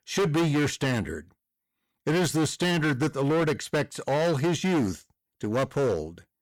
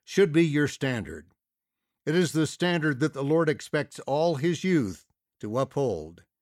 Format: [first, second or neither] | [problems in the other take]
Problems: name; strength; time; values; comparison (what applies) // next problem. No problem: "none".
second | distortion; heavy; 18% of the sound clipped